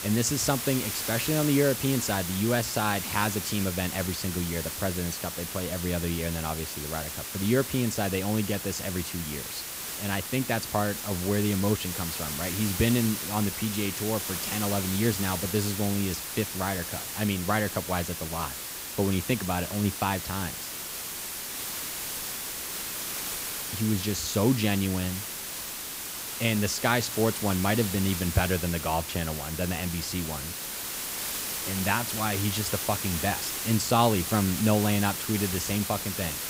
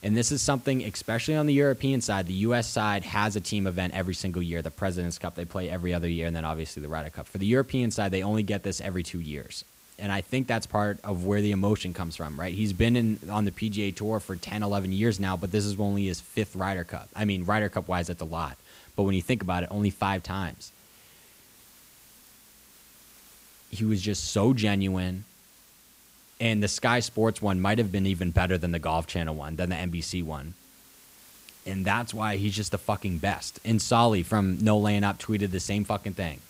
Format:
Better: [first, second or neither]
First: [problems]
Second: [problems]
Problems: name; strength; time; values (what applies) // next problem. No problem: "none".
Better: second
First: hiss; loud; throughout; 4 dB below the speech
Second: hiss; faint; throughout; 25 dB below the speech